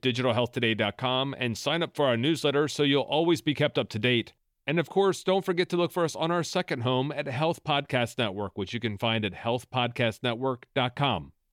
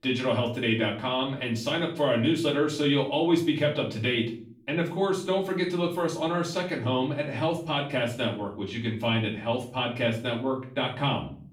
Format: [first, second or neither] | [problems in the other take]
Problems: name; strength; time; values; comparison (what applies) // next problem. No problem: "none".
first | off-mic speech; far // room echo; slight; dies away in 0.4 s